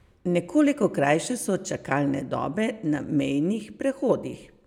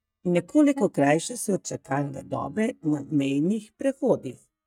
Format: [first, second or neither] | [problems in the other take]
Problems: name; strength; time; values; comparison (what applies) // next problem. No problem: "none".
first | noise reduction (neural mask model DeepFilterNet 3)